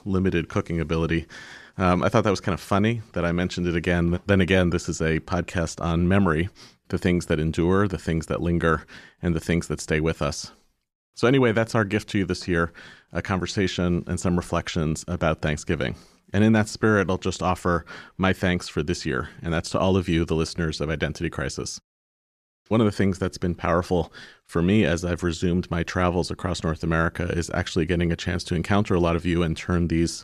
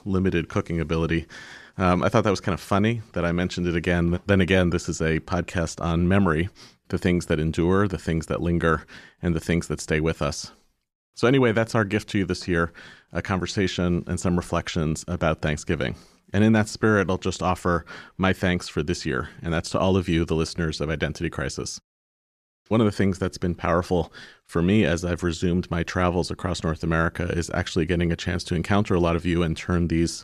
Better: neither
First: none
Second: none

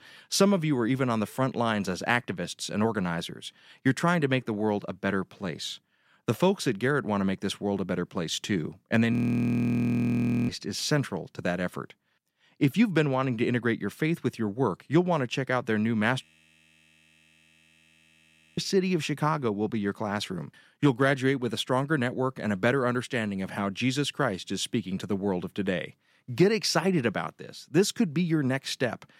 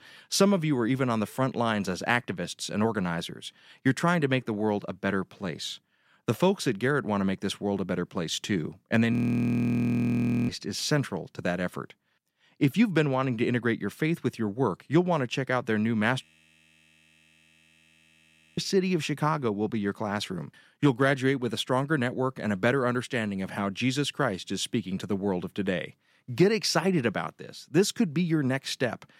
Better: neither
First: audio freezing; at 9 s for 1.5 s and at 16 s for 2.5 s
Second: audio freezing; at 9 s for 1.5 s and at 16 s for 2.5 s

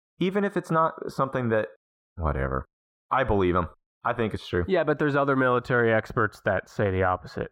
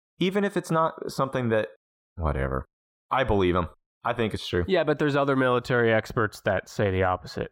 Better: second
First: muffled; very slightly; fading above 2.5 kHz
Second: none

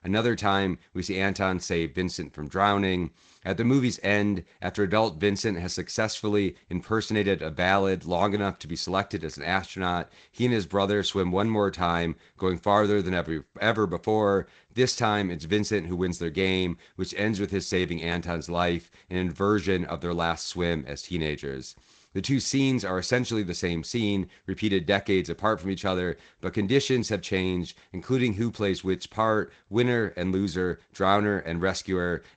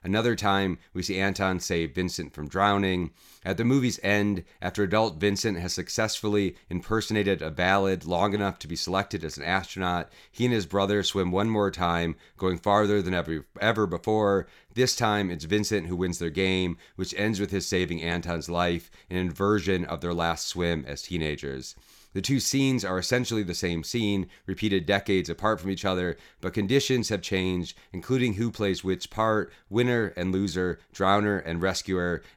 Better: second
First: garbled, watery; slightly; nothing above 7.5 kHz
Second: none

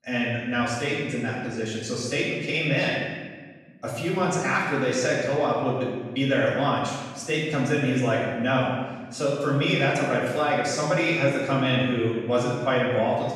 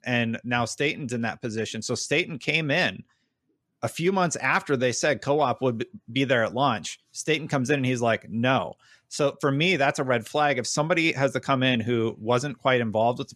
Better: second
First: off-mic speech; far // room echo; strong; dies away in 1.3 s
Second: none

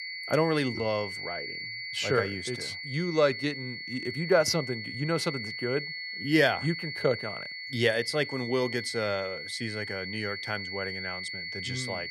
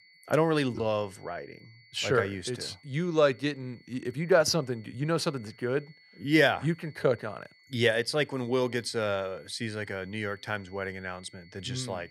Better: second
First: high-pitched whine; loud; throughout; 2 kHz, 6 dB below the speech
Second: high-pitched whine; faint; throughout; 2 kHz, 25 dB below the speech

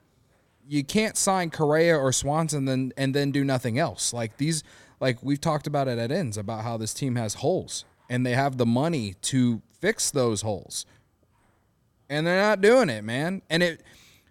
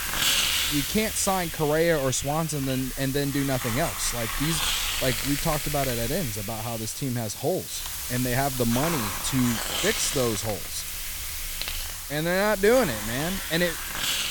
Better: first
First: none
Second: hiss; loud; throughout; 1 dB below the speech

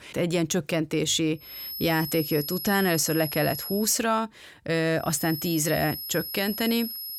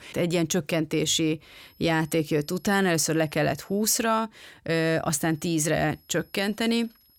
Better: second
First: high-pitched whine; loud; from 1.5 to 4 s and from 5 s on; 11.5 kHz, 7 dB below the speech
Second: high-pitched whine; faint; from 1.5 to 4 s and from 5 s on; 11.5 kHz, 30 dB below the speech

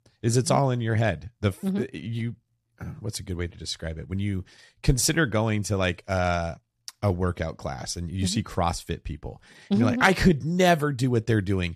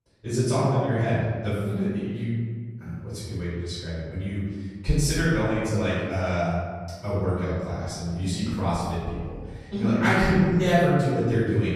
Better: first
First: none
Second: off-mic speech; far // room echo; strong; dies away in 1.6 s

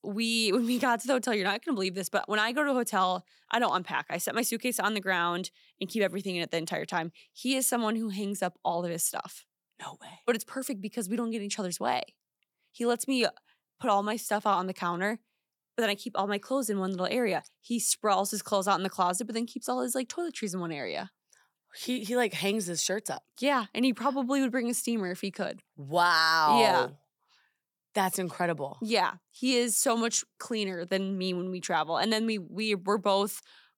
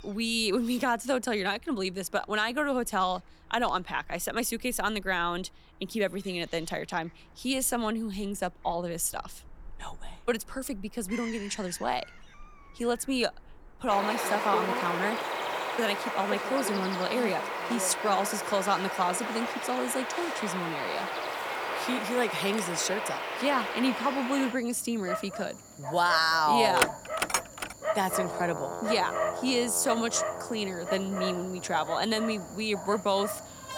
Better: first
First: none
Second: animal sounds; loud; throughout; 4 dB below the speech

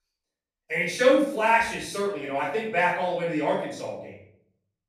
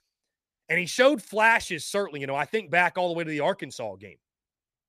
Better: second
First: off-mic speech; far // room echo; noticeable; dies away in 0.6 s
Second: none

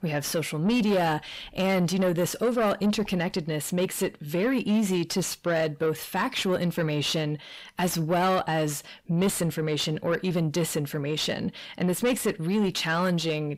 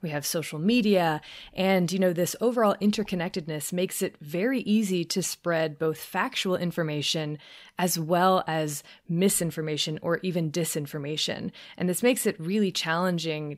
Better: second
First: distortion; slight; 10 dB below the speech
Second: none

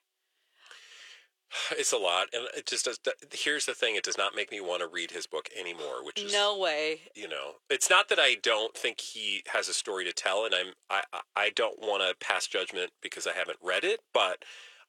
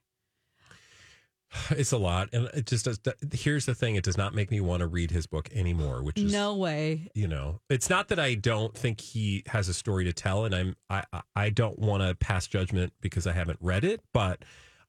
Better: second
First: thin; very; fading below 450 Hz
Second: none

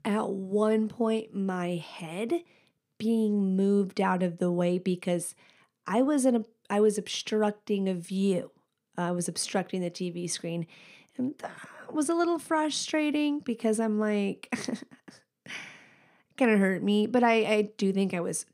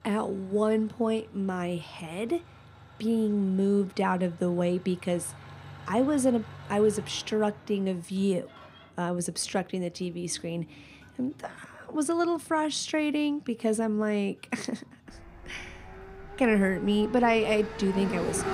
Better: first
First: none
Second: traffic noise; noticeable; throughout; 15 dB below the speech

